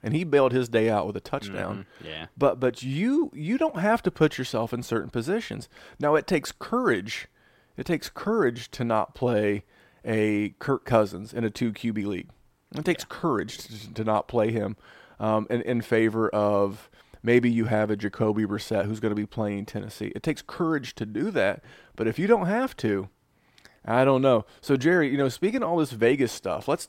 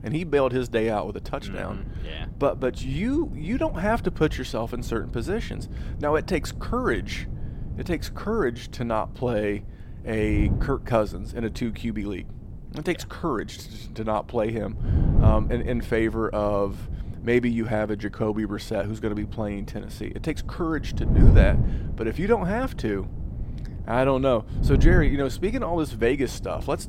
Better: first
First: none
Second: wind noise on the microphone; occasional gusts; 15 dB below the speech

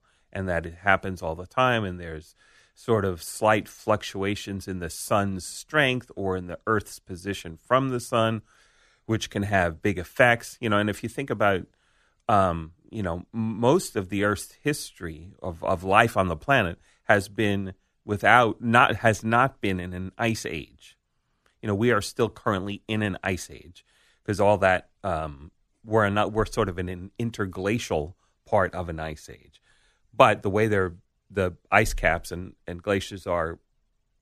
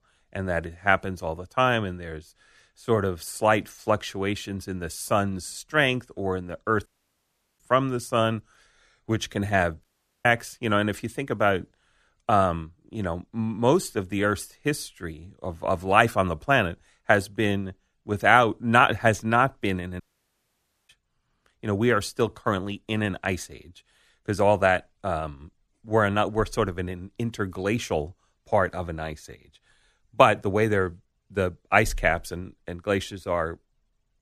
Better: first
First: none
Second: audio cutting out; at 7 s for 0.5 s, at 10 s and at 20 s for 1 s

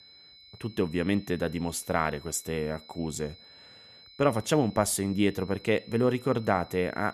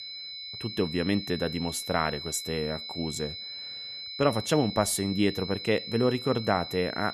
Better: first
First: high-pitched whine; faint; throughout; 4 kHz, 20 dB below the speech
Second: high-pitched whine; loud; throughout; 4 kHz, 8 dB below the speech

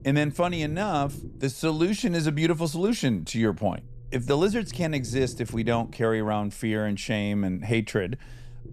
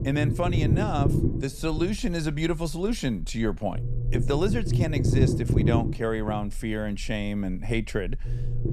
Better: first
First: low rumble; faint; throughout; 20 dB below the speech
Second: low rumble; loud; throughout; 4 dB below the speech

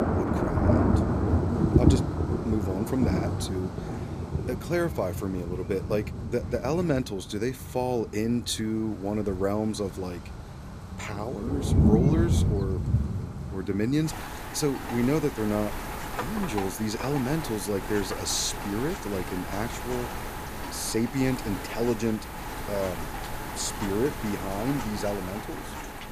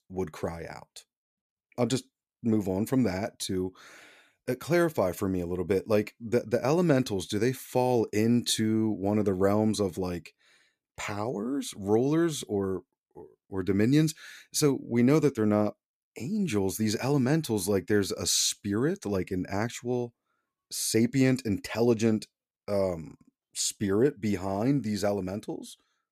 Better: second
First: rain or running water; loud; throughout; as loud as the speech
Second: none

